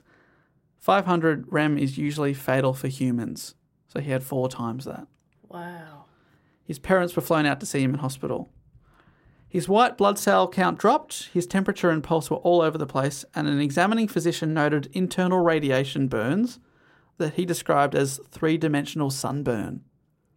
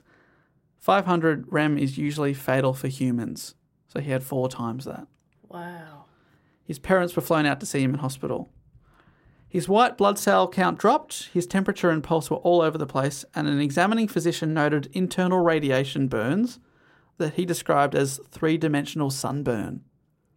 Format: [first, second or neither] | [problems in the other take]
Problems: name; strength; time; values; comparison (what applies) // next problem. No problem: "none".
neither | none